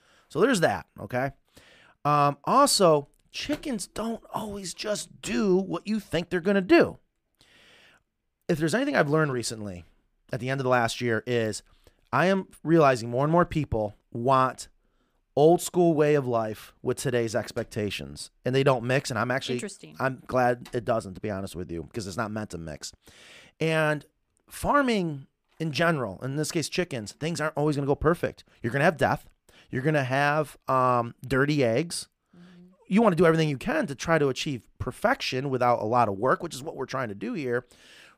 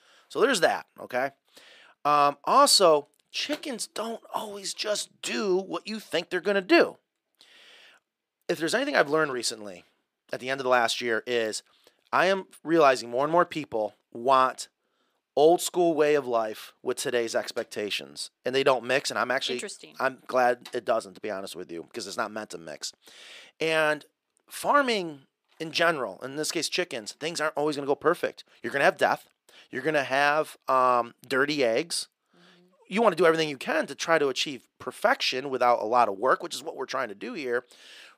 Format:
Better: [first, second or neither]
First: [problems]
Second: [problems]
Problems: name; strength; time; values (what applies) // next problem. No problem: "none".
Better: first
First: none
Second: thin; somewhat; fading below 350 Hz